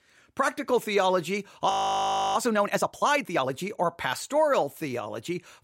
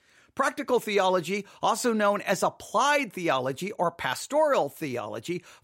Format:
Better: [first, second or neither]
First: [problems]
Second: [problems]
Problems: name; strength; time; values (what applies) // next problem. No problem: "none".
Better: second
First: audio freezing; at 1.5 s for 0.5 s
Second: none